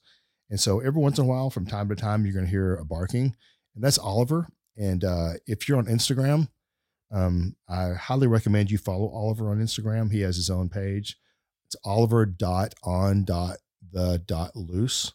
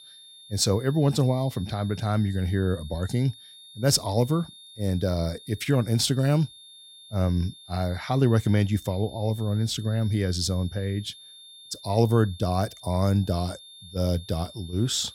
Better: first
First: none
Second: high-pitched whine; noticeable; throughout; 3.5 kHz, 20 dB below the speech

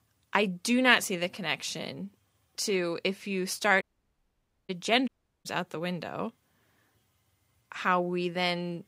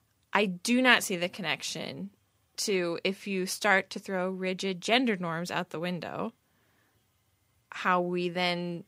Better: second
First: audio cutting out; at 4 s for 1 s and at 5 s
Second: none

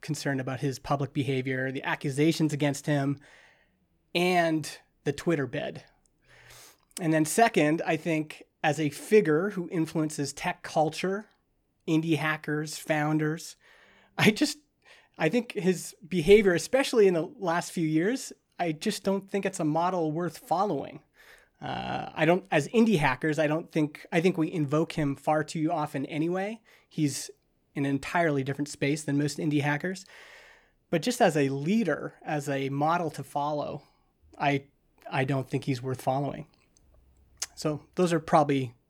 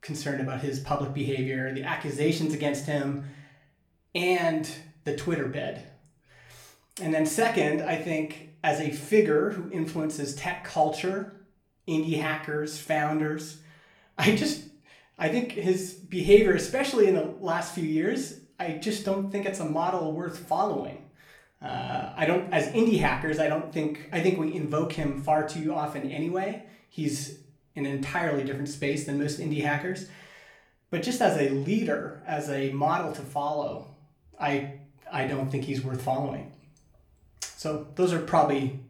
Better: first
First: none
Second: room echo; slight; dies away in 0.4 s // off-mic speech; somewhat distant

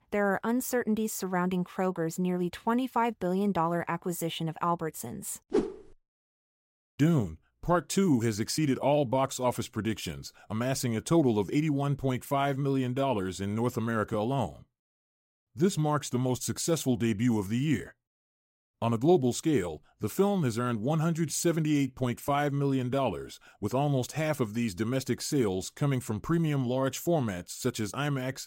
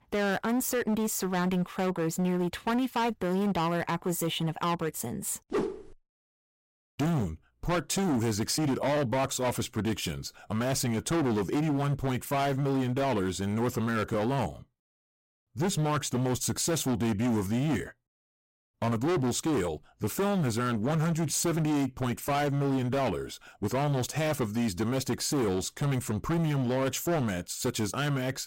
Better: first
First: none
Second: distortion; heavy; 20% of the sound clipped

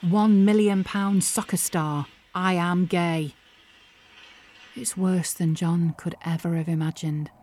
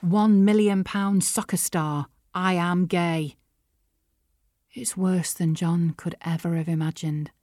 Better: second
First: traffic noise; faint; throughout; 25 dB below the speech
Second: none

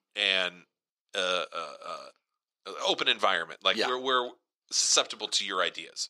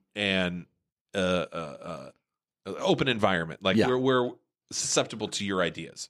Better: second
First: thin; very; fading below 500 Hz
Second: none

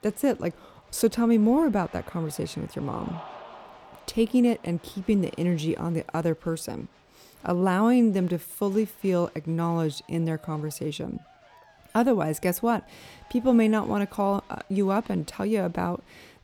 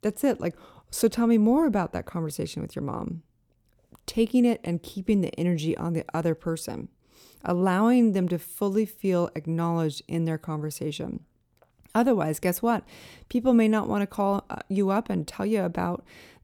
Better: second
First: crowd noise; faint; throughout; 25 dB below the speech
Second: none

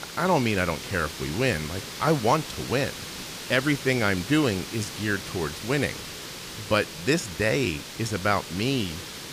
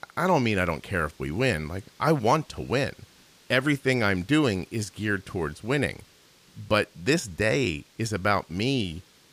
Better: second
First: hiss; loud; throughout; 9 dB below the speech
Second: hiss; faint; throughout; 30 dB below the speech

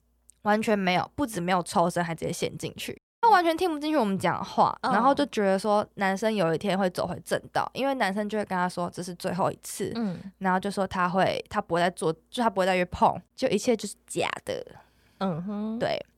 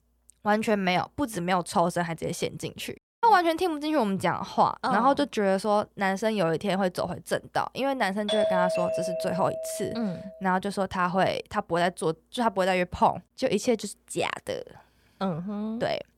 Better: first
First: none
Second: doorbell; loud; from 8.5 to 10 s; peak 2 dB above the speech

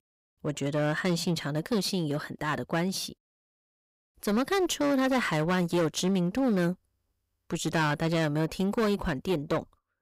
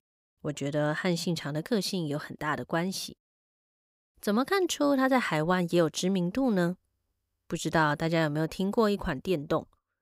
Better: second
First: distortion; slight; 11% of the sound clipped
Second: none

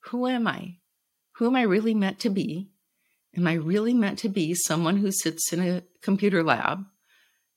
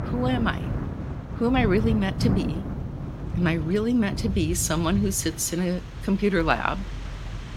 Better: first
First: none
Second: rain or running water; loud; throughout; 6 dB below the speech

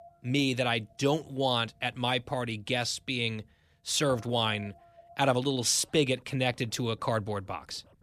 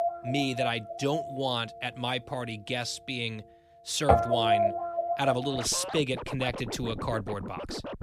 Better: first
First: background music; faint; throughout; 25 dB below the speech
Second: background music; loud; throughout; as loud as the speech

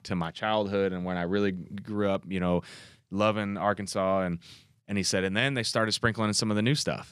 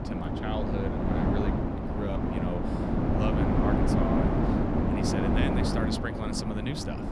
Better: first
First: none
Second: wind noise on the microphone; heavy; 5 dB above the speech

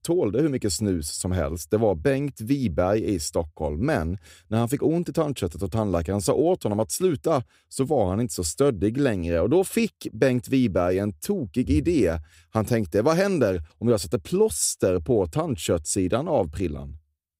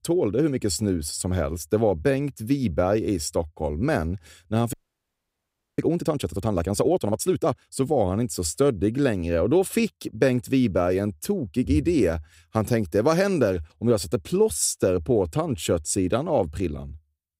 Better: first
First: none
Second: audio freezing; at 4.5 s for 1 s

